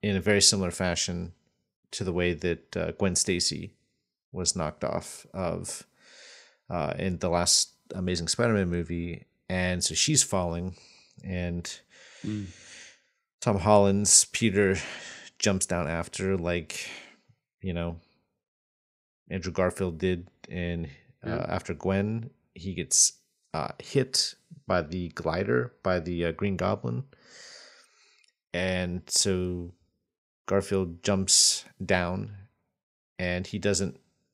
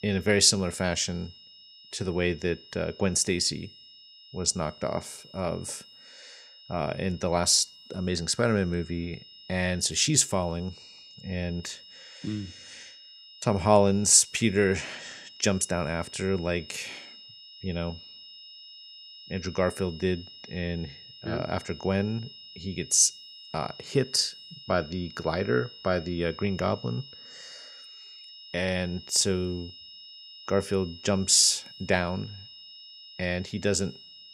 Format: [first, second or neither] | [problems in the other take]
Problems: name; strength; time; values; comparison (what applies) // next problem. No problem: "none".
first | high-pitched whine; noticeable; throughout; 5.5 kHz, 20 dB below the speech